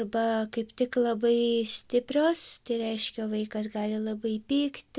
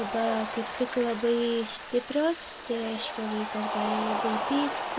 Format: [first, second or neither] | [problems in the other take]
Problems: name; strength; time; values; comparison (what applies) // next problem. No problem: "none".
first | background sound (Sink (filling or washing) / Water tap, faucet + Cheering); 4 dB below the speech